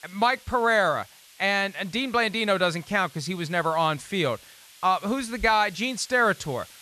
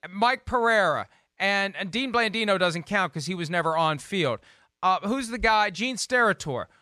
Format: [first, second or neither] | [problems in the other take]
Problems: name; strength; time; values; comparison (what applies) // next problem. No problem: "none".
second | hiss; faint; throughout; 25 dB below the speech